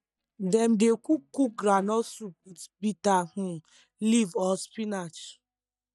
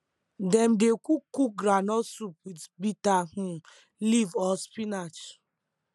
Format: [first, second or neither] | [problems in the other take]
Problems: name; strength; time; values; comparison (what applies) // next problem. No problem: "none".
second | noise reduction (neural mask model DeepFilterNet 3)